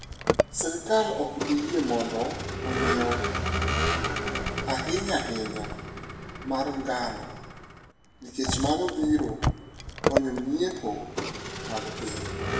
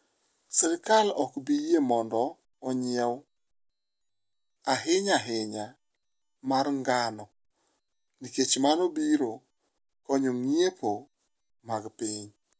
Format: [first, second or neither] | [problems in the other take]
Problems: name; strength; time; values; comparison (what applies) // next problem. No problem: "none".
second | background sound (Vehicle); as loud as the speech // room echo; dies away in 1 s